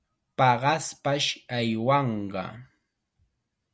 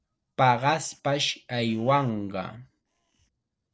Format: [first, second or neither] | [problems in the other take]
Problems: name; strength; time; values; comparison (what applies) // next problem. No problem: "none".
first | noise reduction (neural separator model SepFormer DNS4)